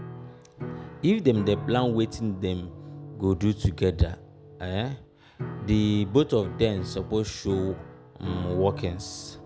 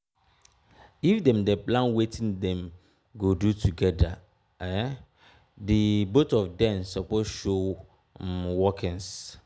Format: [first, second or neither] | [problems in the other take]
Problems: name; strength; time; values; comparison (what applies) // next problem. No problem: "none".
second | background sound (Piano); 12 dB below the speech